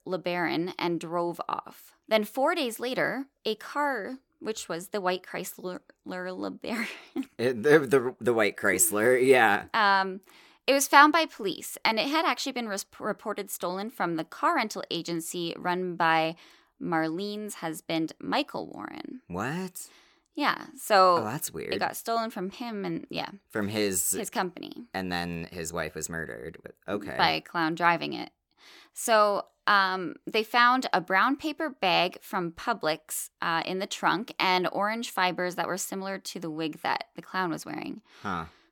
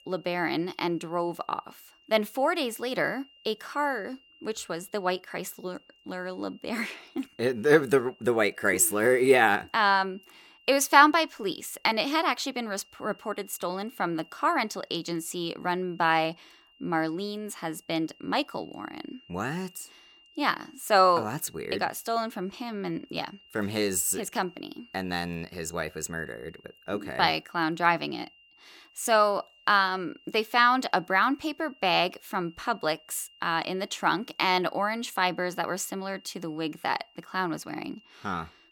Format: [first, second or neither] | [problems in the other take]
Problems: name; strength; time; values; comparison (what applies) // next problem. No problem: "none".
first | high-pitched whine; faint; throughout; 3 kHz, 30 dB below the speech